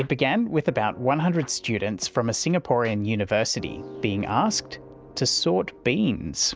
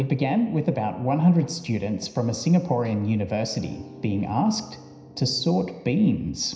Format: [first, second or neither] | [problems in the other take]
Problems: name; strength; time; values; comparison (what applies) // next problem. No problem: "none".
first | room echo; dies away in 0.9 s